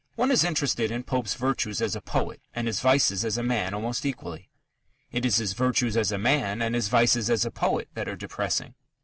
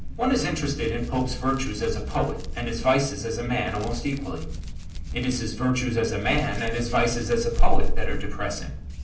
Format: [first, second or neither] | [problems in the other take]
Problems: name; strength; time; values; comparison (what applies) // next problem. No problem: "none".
first | background sound (Hands); 2 dB above the speech // room echo; dies away in 0.6 s